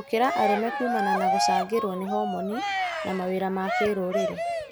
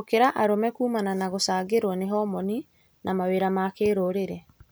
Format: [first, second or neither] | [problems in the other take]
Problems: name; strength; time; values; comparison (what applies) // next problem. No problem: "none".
second | background sound (Cheering); as loud as the speech